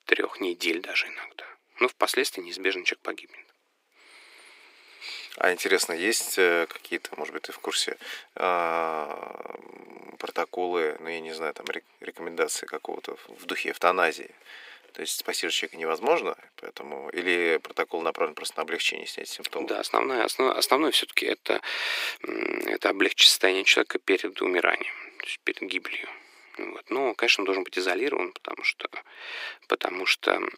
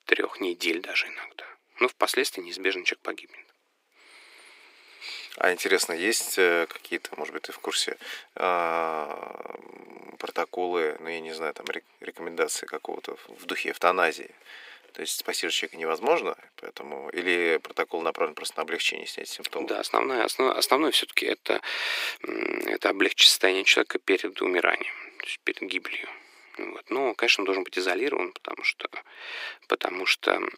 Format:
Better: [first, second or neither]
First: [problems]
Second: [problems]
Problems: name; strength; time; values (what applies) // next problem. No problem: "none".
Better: neither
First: thin; very; fading below 300 Hz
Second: thin; very; fading below 300 Hz